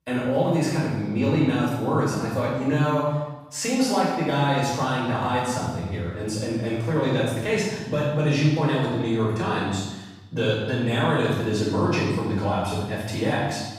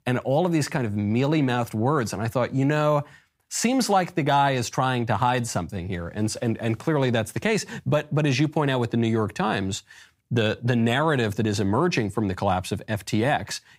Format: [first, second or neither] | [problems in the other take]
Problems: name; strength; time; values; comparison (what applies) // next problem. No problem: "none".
second | off-mic speech; far // room echo; strong; dies away in 1 s